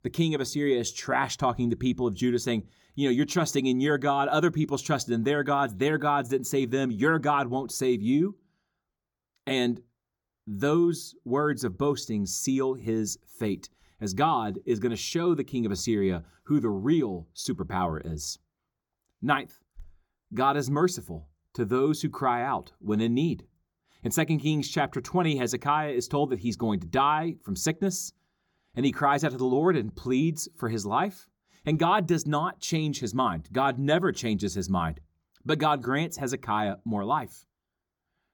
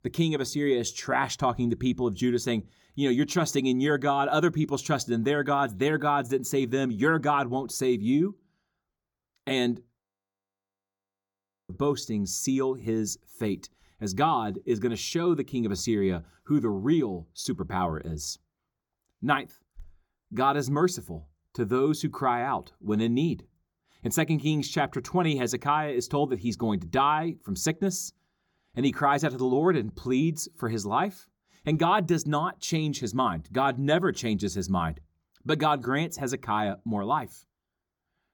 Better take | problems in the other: first | audio freezing; at 10 s for 1.5 s

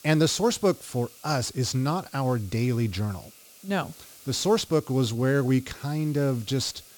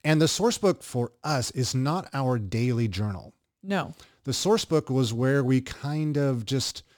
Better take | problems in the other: second | hiss; faint; throughout; 20 dB below the speech

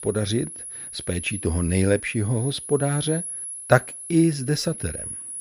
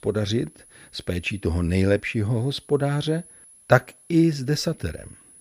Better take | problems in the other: second | high-pitched whine; loud; throughout; 10.5 kHz, 8 dB below the speech; faint in the second

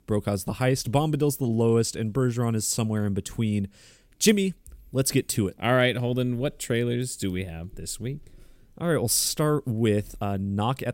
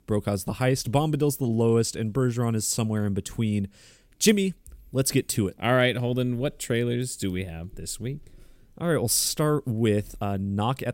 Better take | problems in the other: neither | none

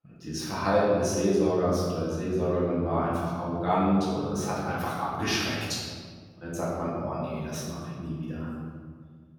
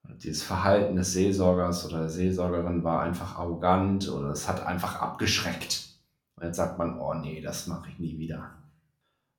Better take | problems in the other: second | room echo; strong; dies away in 1.7 s; slight in the second // off-mic speech; far; somewhat distant in the second

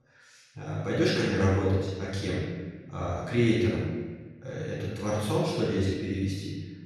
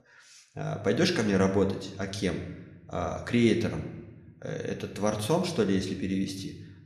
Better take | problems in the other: second | room echo; strong; dies away in 1.3 s; slight in the second // off-mic speech; far

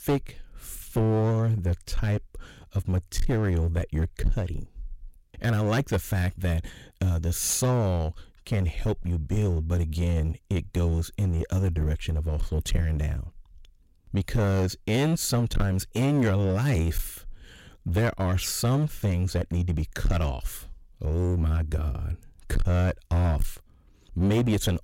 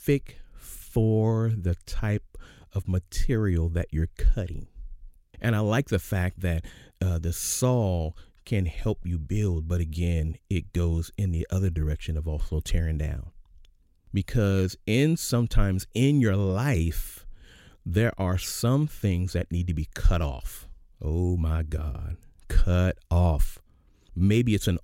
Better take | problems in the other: second | distortion; heavy; 12% of the sound clipped

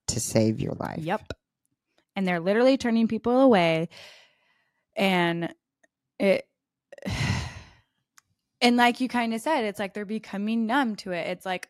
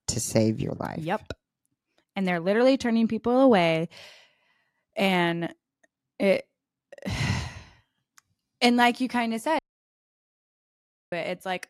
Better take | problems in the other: first | audio cutting out; at 9.5 s for 1.5 s

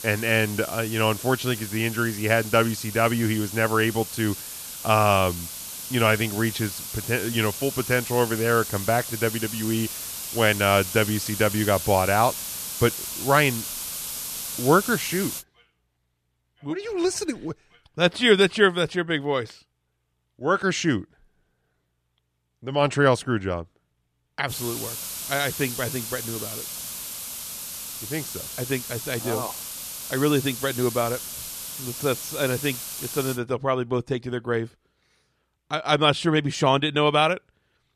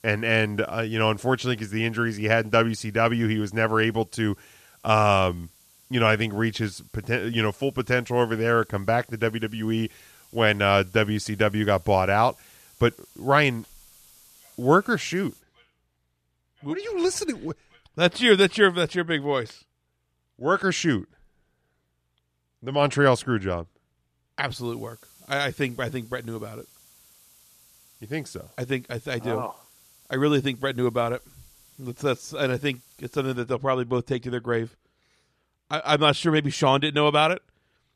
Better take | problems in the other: second | hiss; loud; until 15 s and from 25 to 33 s; 8 dB below the speech; faint in the second

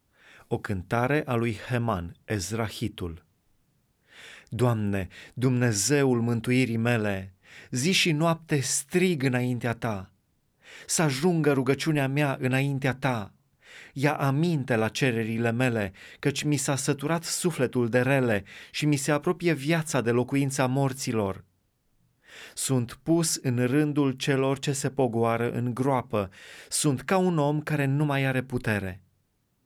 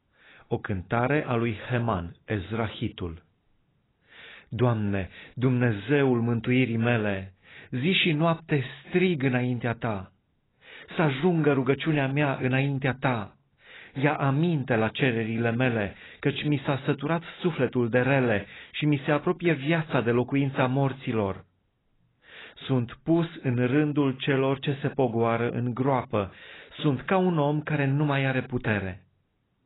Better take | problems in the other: first | garbled, watery; badly; nothing above 4 kHz

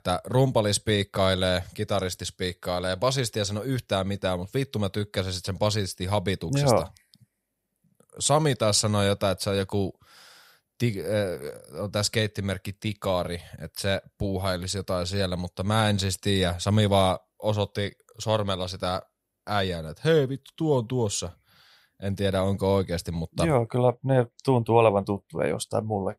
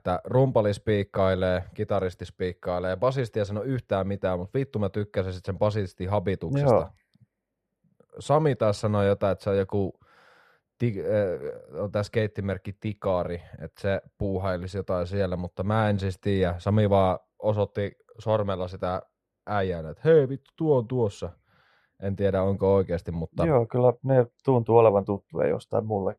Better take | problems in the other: first | muffled; very; fading above 3 kHz

